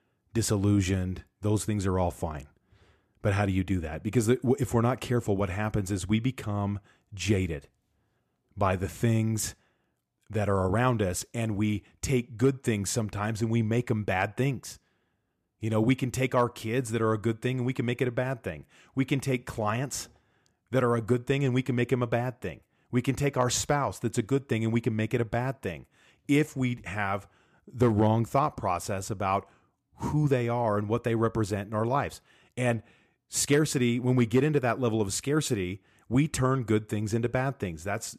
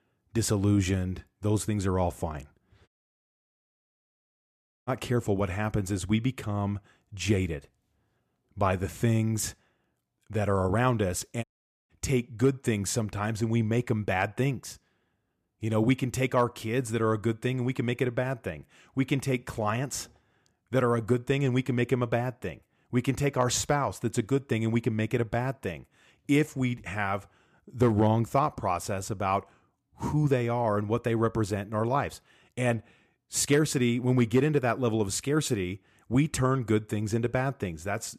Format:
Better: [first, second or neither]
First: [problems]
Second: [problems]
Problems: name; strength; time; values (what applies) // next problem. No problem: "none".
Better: first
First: none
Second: audio cutting out; at 3 s for 2 s and at 11 s